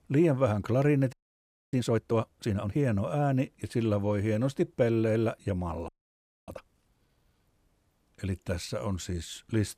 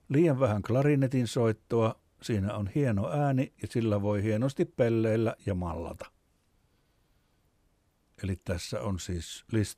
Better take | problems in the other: second | audio freezing; at 1 s for 0.5 s and at 6 s for 0.5 s

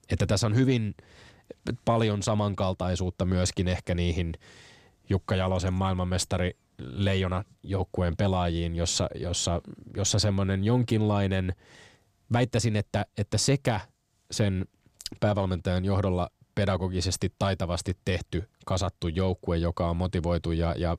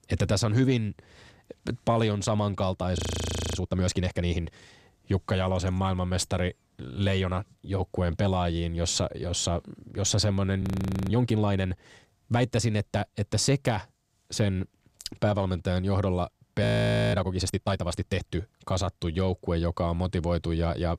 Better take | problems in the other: first | audio freezing; at 3 s for 0.5 s, at 11 s and at 17 s

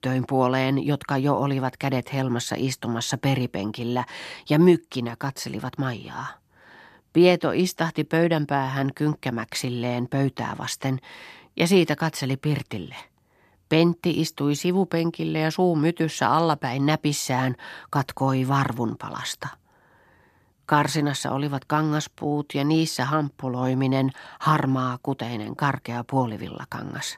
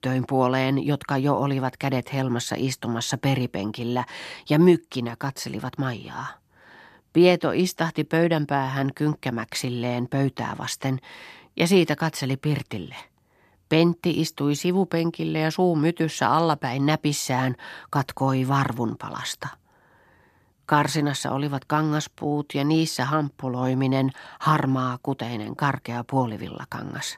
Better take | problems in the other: neither | none

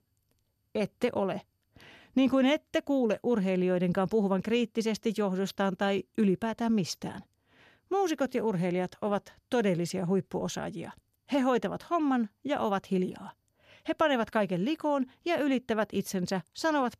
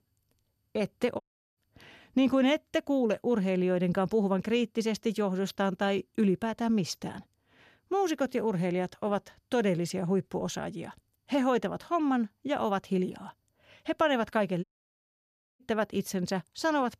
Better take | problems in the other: first | audio cutting out; at 1 s and at 15 s for 1 s

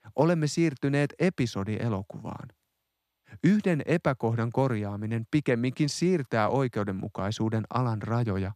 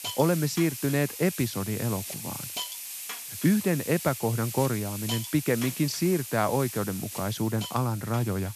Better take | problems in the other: first | hiss; loud; throughout; 8 dB below the speech

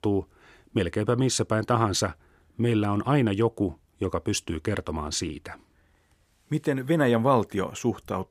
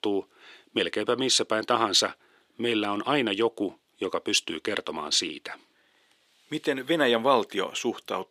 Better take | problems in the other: first | thin; somewhat; fading below 350 Hz

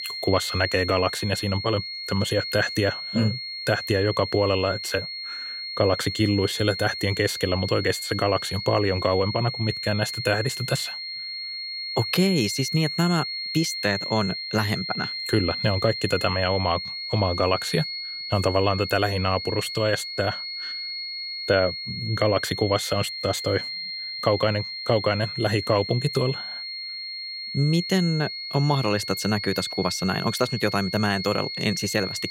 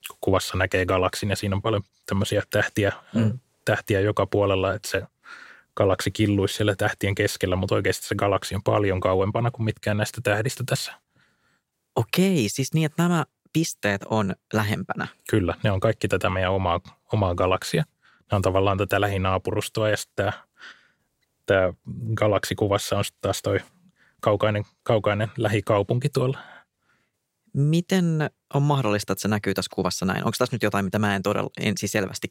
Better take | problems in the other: second | high-pitched whine; loud; throughout; 4.5 kHz, 5 dB below the speech

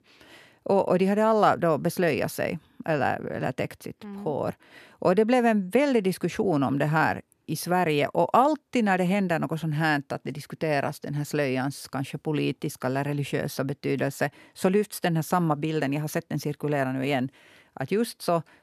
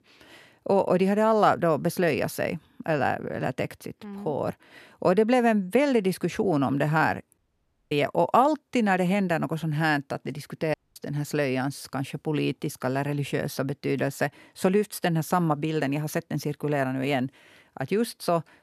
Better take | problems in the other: first | audio cutting out; at 7.5 s for 0.5 s and at 11 s

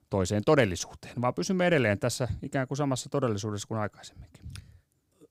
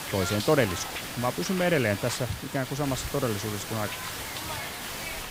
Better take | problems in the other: first | hiss; loud; throughout; 5 dB below the speech

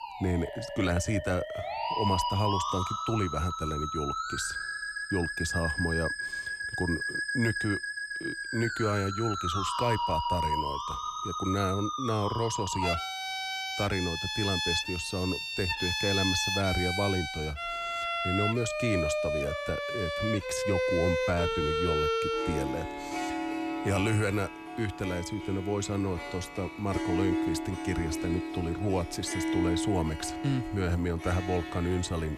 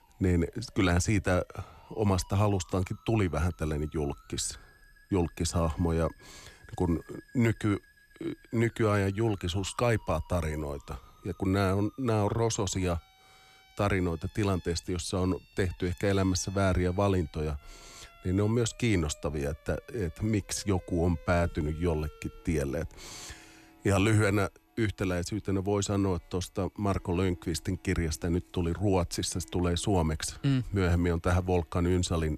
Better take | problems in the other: second | background music; loud; throughout; as loud as the speech; faint in the second

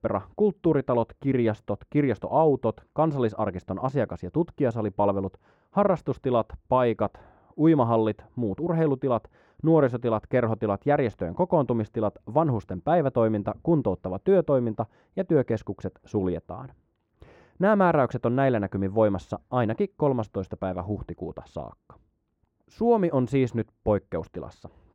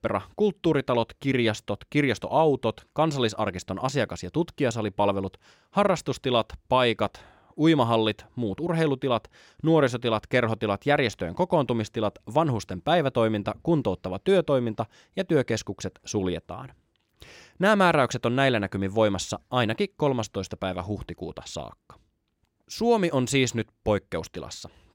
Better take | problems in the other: second | muffled; very; fading above 2 kHz

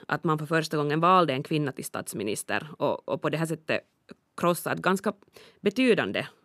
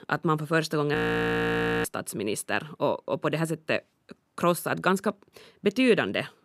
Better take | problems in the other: first | audio freezing; at 1 s for 1 s

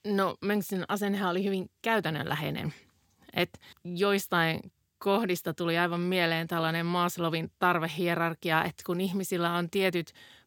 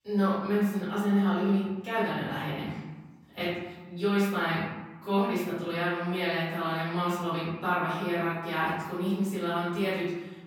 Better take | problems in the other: first | off-mic speech; far // room echo; noticeable; dies away in 1.1 s

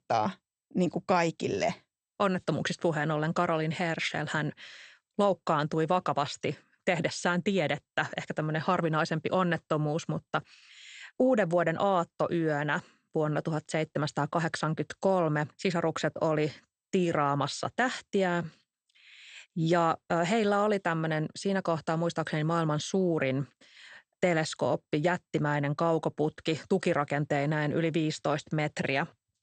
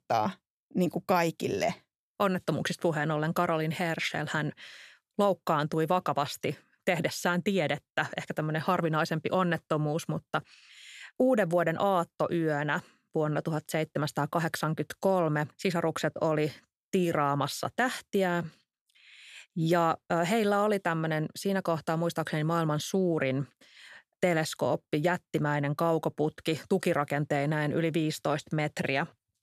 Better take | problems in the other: second | garbled, watery; slightly; nothing above 8.5 kHz

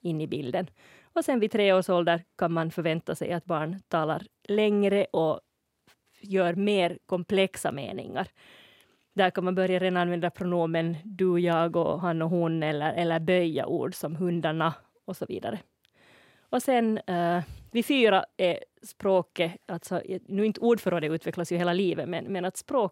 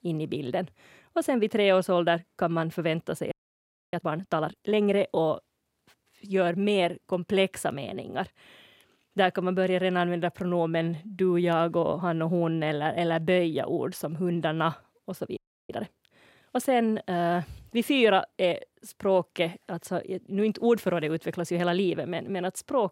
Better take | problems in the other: first | audio freezing; at 3.5 s for 0.5 s and at 15 s

